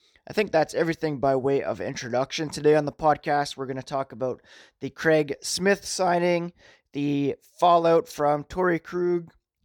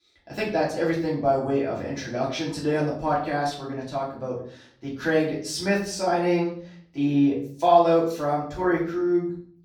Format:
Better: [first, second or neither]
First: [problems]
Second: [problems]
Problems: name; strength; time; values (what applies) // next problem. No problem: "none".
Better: first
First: none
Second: room echo; noticeable; dies away in 0.5 s // off-mic speech; far